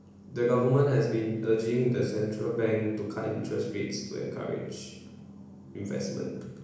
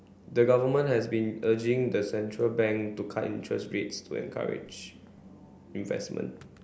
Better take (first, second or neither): second